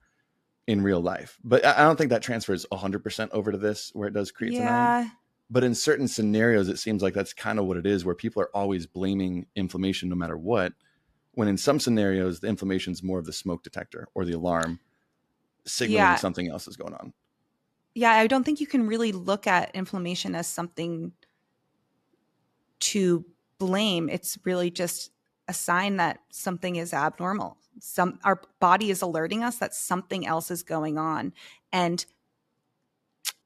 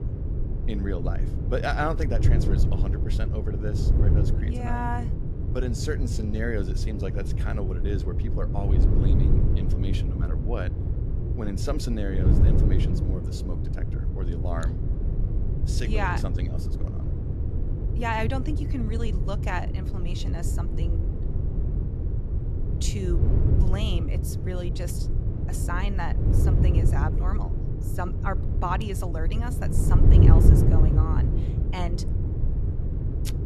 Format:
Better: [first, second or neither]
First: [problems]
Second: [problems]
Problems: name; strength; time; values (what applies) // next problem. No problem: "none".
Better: first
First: none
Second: wind noise on the microphone; heavy; 4 dB below the speech